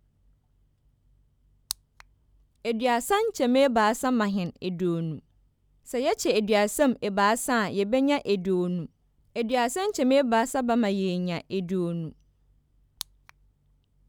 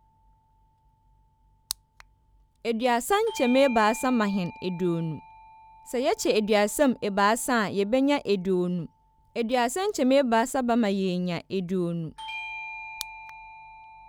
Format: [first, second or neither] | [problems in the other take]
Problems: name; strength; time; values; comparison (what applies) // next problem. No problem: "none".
first | background sound (Bell / Doorbell); 18 dB below the speech